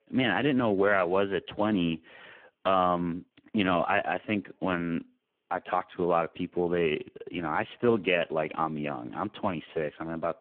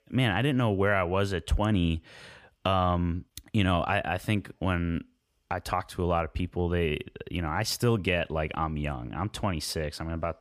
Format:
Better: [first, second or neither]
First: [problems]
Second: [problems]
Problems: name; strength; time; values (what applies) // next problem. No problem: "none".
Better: second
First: phone-call audio; poor line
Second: none